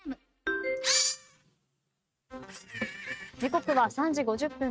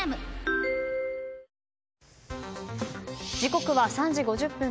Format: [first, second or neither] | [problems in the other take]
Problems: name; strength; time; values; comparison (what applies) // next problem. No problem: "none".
second | noise reduction (neural mask model RNNoise)